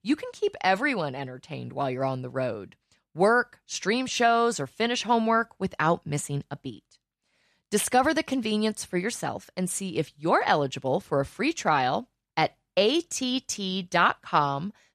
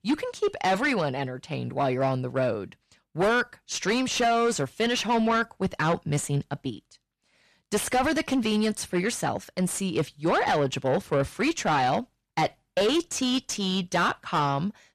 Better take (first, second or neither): first